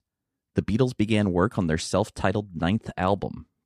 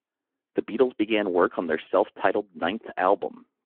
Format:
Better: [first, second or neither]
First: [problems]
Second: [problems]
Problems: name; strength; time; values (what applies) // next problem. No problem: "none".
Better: first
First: none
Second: phone-call audio